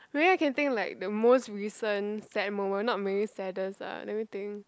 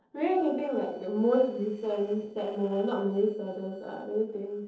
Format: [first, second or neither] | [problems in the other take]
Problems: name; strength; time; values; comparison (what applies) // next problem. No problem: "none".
first | noise reduction (neural separator model SepFormer DNS4)